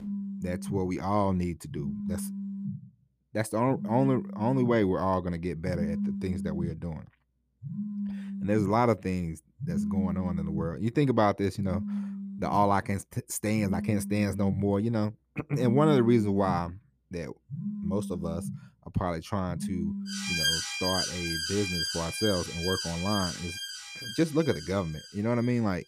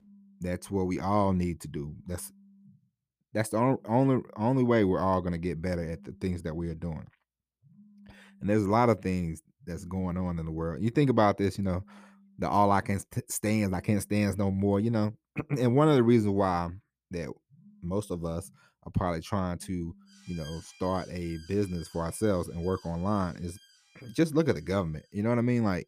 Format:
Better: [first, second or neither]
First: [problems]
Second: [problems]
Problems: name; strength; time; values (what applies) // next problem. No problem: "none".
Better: second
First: alarms or sirens; loud; throughout; 4 dB below the speech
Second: alarms or sirens; faint; throughout; 25 dB below the speech